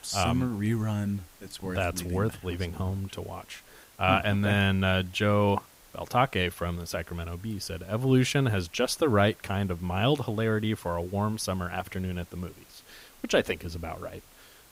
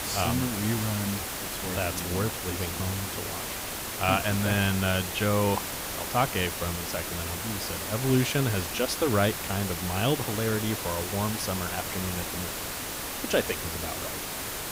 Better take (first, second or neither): first